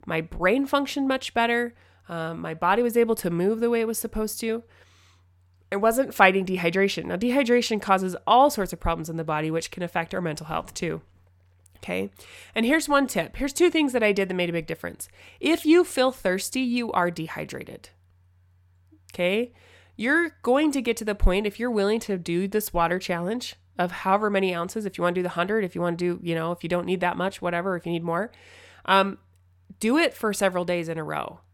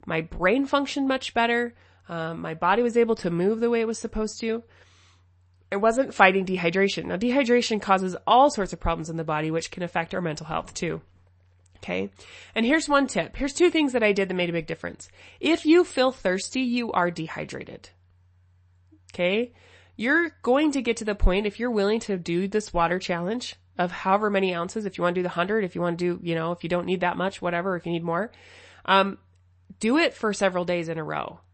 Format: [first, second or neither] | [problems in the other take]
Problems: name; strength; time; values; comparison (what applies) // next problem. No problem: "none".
first | garbled, watery; slightly; nothing above 8 kHz